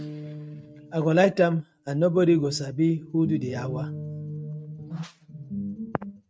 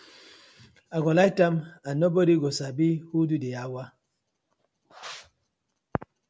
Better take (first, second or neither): second